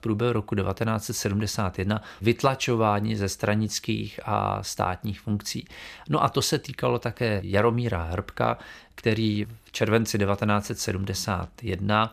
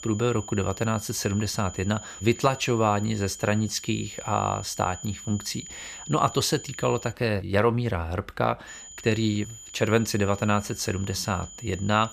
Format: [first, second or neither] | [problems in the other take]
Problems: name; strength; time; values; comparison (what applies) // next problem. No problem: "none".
first | high-pitched whine; noticeable; until 7 s and from 8.5 s on; 7 kHz, 15 dB below the speech